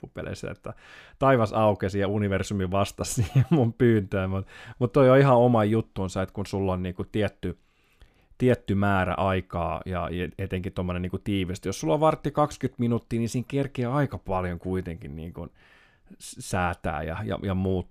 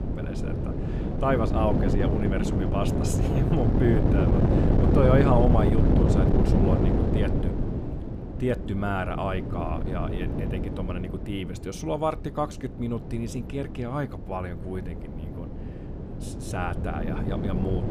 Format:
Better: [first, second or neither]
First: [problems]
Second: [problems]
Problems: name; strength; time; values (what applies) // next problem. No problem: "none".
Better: first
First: none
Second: wind noise on the microphone; heavy; 1 dB below the speech